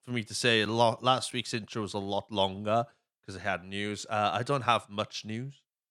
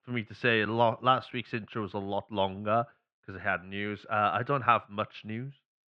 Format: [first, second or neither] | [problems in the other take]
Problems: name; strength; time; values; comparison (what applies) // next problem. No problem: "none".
first | muffled; very; fading above 2.5 kHz